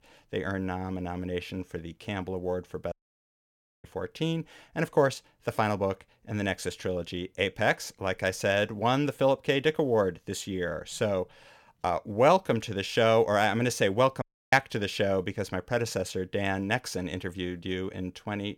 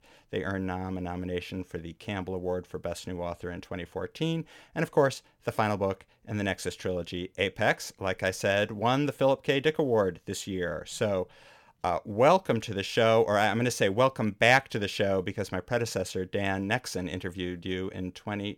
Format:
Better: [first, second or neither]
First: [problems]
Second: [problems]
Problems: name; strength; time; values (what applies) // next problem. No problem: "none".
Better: second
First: audio cutting out; at 3 s for 1 s and at 14 s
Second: none